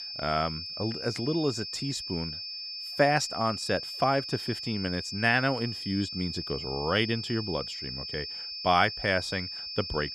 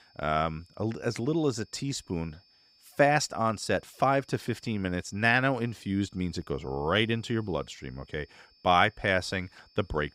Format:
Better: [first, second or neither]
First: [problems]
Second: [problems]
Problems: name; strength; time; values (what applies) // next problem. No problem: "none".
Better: second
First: high-pitched whine; loud; throughout; 5 kHz, 6 dB below the speech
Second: high-pitched whine; faint; throughout; 5 kHz, 30 dB below the speech